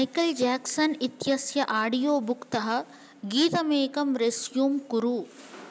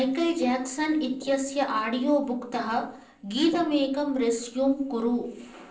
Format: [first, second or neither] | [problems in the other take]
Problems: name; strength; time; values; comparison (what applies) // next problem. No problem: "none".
first | noise reduction (neural separator model SepFormer DNS4)